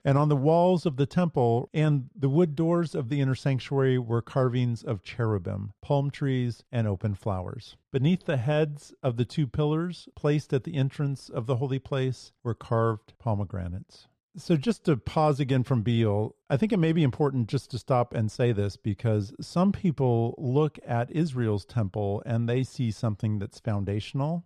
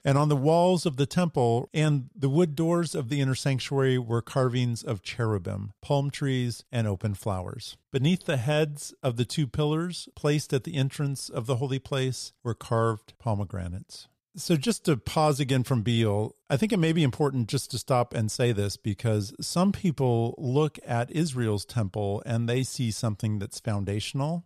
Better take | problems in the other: second | muffled; slightly; fading above 2 kHz

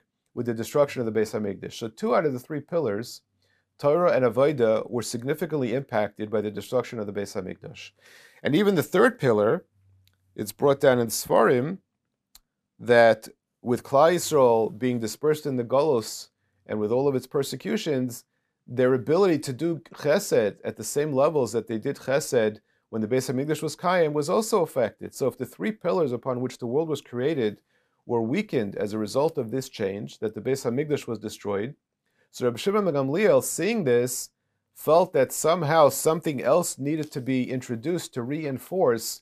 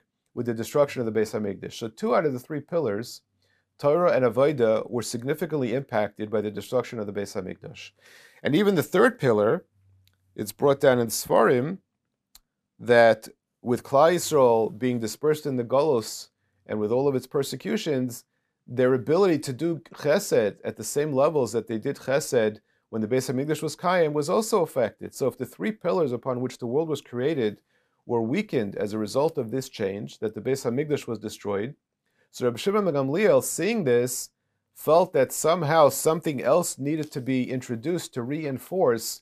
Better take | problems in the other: neither | none

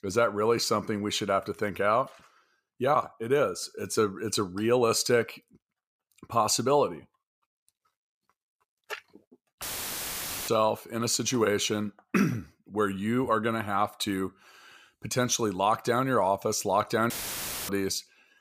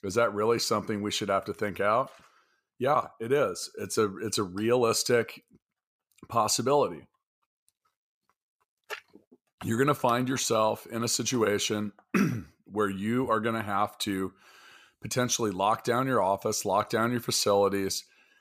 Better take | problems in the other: second | audio cutting out; filled with static; at 9.5 s for 1 s and at 17 s for 0.5 s

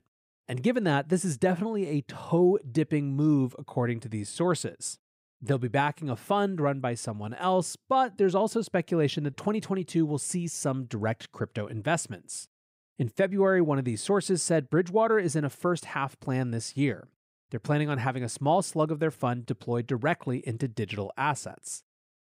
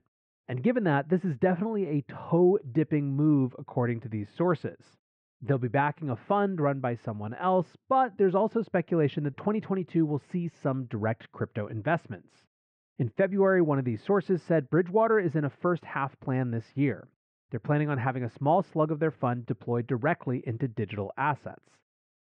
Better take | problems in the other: first | muffled; very; fading above 2 kHz

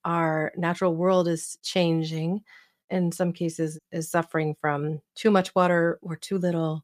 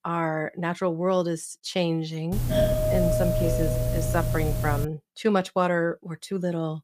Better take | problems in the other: first | doorbell; loud; from 2.5 to 5 s; peak 5 dB above the speech

